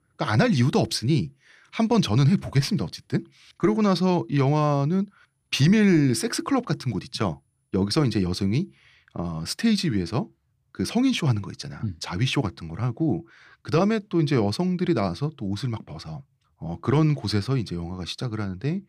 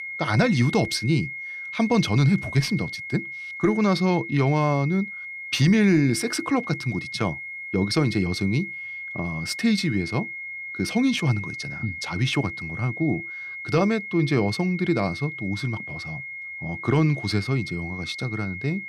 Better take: first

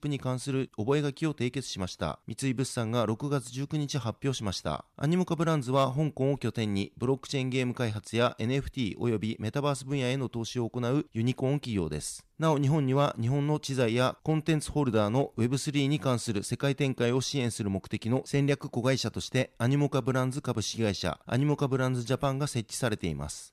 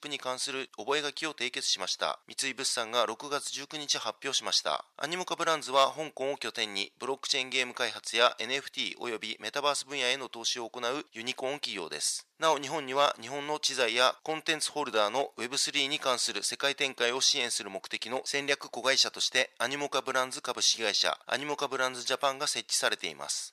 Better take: first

